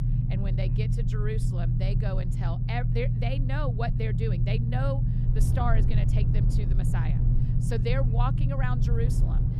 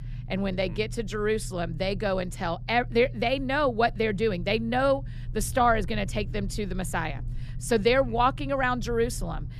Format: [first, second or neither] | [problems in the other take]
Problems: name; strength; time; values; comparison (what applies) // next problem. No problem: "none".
second | low rumble; loud; throughout; 3 dB below the speech; faint in the second